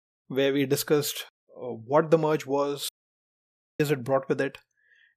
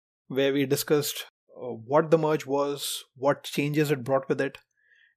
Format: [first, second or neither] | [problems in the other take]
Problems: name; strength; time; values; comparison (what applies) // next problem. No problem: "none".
second | audio cutting out; at 3 s for 1 s